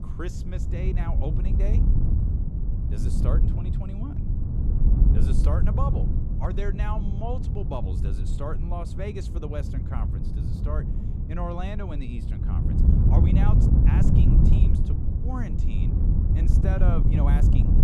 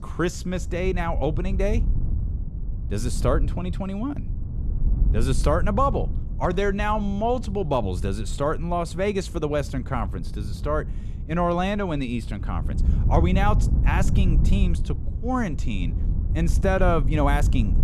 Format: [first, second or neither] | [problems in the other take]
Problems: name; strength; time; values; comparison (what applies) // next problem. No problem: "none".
second | wind noise on the microphone; heavy; as loud as the speech; occasional gusts in the second